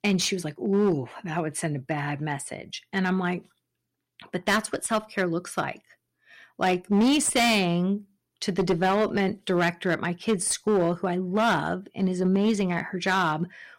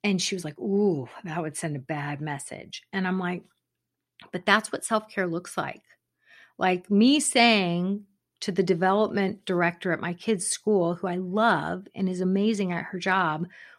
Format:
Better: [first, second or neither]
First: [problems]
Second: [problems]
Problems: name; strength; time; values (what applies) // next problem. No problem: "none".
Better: second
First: distortion; slight; 8% of the sound clipped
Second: none